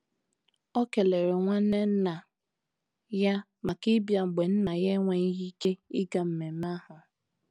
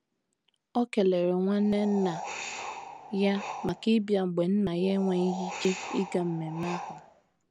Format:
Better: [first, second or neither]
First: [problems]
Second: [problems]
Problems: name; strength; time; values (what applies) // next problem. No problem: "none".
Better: first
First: none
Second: background sound (Wind); 11 dB below the speech